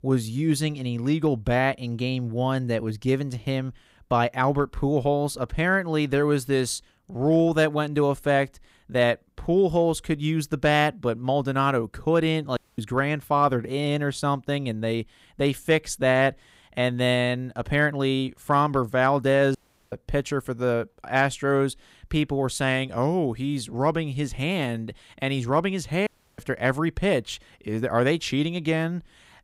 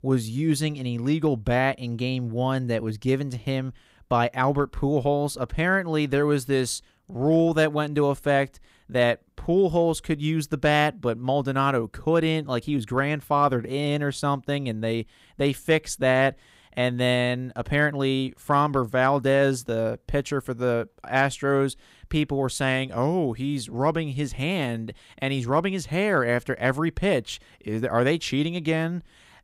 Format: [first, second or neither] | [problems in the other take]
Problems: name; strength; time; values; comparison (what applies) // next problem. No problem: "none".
second | audio cutting out; at 13 s, at 20 s and at 26 s